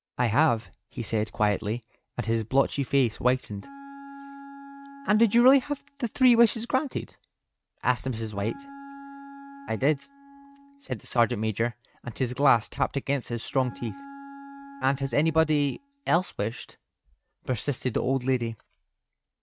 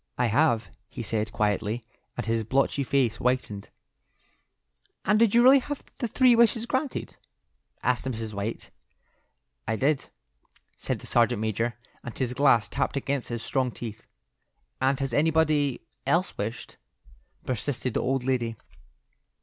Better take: second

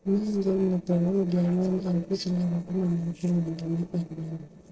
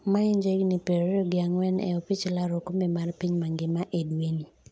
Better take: second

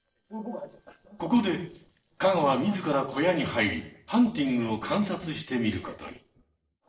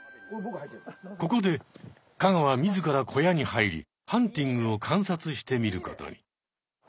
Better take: second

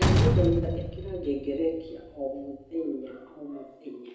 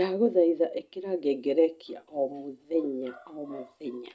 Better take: second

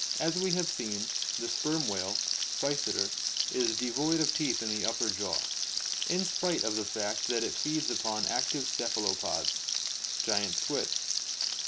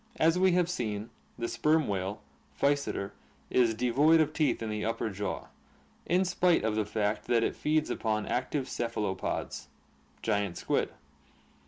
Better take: second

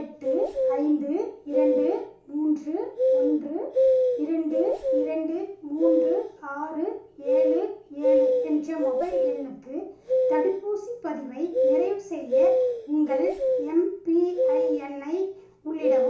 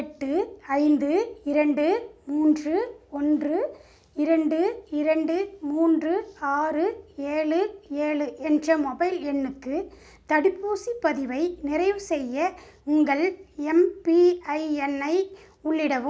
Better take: second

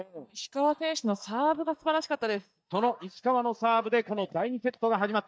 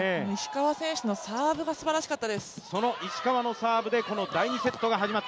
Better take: second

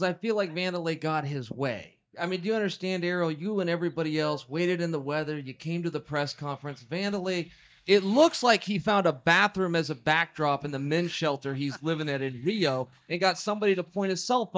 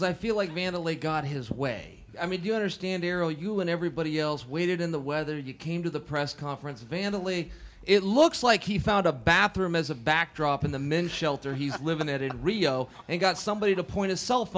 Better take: second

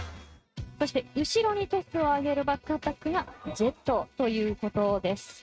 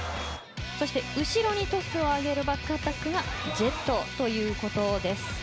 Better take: second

